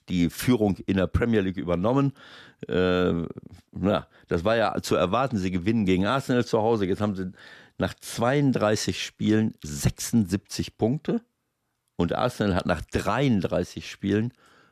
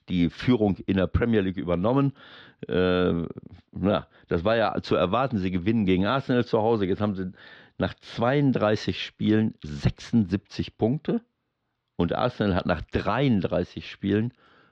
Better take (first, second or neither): first